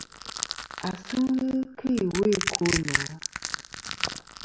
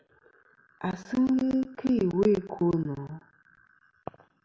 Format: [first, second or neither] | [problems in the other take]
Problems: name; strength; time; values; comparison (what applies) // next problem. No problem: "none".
second | background sound (Crushing); 4 dB below the speech